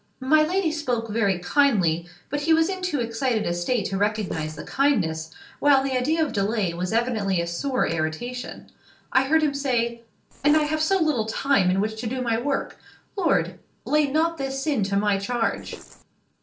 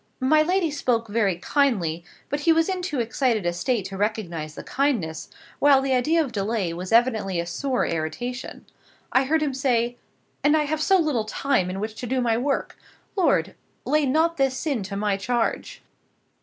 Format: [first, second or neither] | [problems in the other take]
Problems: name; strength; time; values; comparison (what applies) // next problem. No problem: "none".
second | noise reduction (neural separator model SepFormer DNS4)